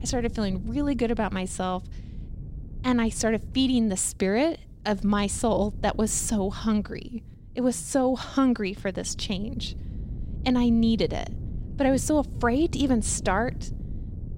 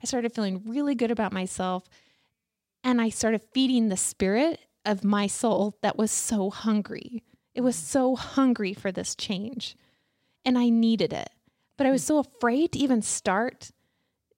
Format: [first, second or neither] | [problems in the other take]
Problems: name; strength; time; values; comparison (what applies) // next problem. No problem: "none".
second | wind noise on the microphone; occasional gusts; 20 dB below the speech